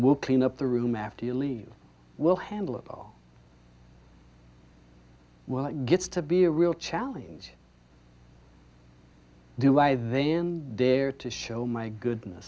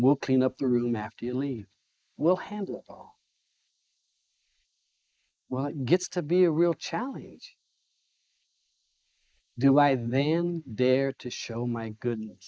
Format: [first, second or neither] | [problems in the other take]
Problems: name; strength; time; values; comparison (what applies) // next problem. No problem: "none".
first | noise reduction (neural mask model Resemble Enhance denoiser)